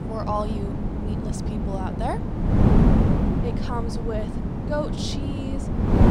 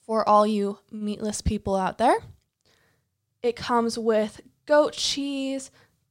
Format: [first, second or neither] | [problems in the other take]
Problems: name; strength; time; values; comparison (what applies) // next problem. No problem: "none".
second | wind noise on the microphone; heavy; as loud as the speech